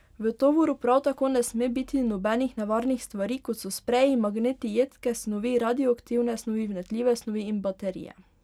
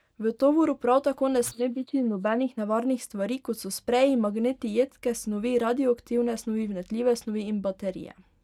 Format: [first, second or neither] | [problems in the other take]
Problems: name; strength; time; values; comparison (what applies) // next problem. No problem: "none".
first | noise reduction (neural mask model DeepFilterNet 3)